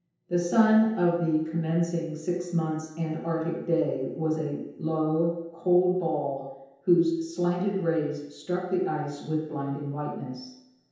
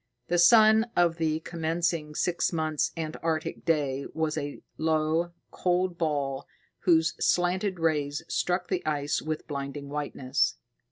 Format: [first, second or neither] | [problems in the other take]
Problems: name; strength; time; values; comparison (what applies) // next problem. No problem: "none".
second | room echo; dies away in 0.9 s